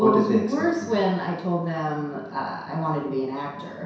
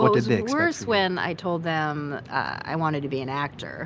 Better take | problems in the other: second | room echo; dies away in 0.7 s

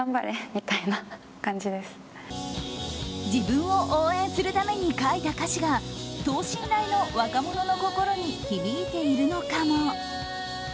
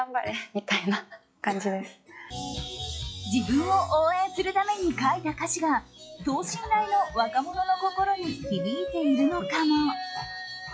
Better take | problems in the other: first | noise reduction (classical method log-MMSE)

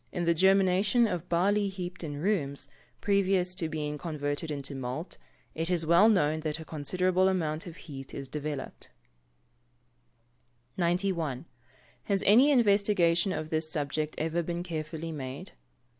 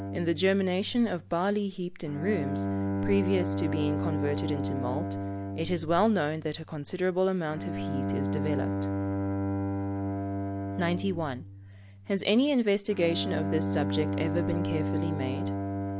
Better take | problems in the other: first | background sound (Bowed string instrument); 2 dB below the speech

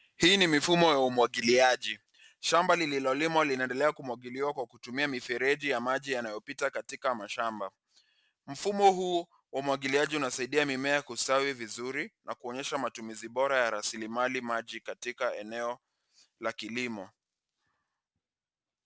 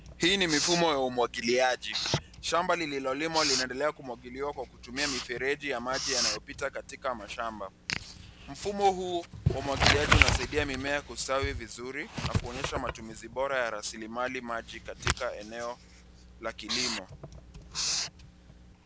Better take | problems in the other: first | background sound (Writing); 2 dB below the speech

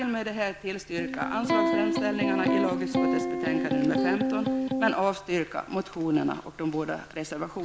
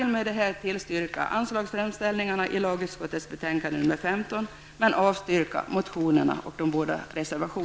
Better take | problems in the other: second | background sound (Electric guitar); 3 dB above the speech

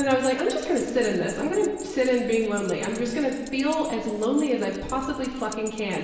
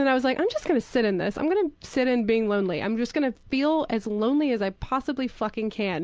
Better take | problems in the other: second | background sound (Keys jangling); 18 dB below the speech // room echo; dies away in 1.2 s

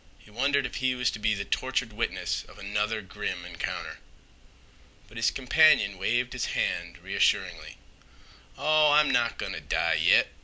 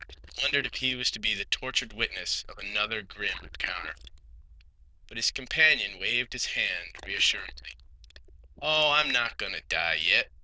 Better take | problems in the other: first | noise reduction (neural diffusion model UNIVERSE++)

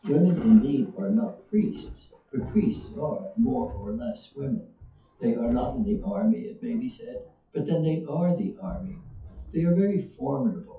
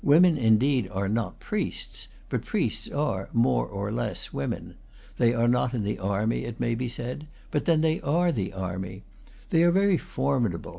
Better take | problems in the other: second | noise reduction (classical method WPE with log-MMSE)

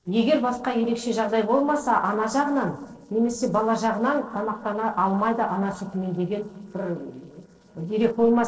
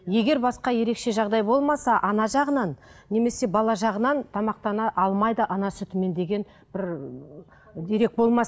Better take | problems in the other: second | noise reduction (neural separator model SepFormer DNS4)

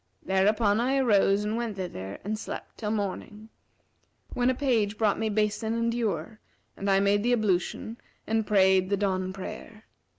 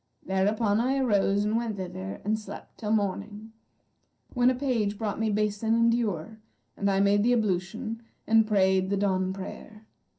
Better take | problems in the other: first | room echo; dies away in 0.3 s

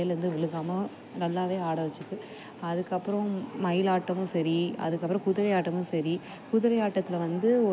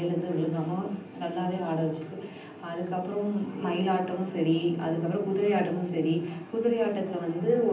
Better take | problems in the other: first | room echo; dies away in 0.6 s

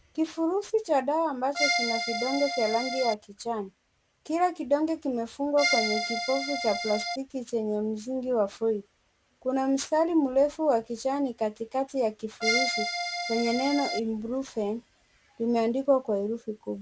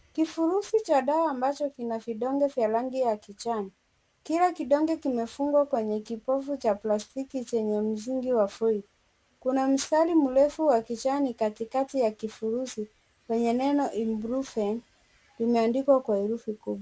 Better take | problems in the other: second | background sound (Accordion); 1 dB below the speech

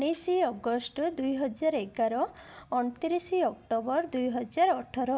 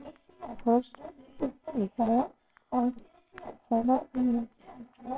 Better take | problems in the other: first | noise reduction (neural separator model SepFormer WHAMR!)

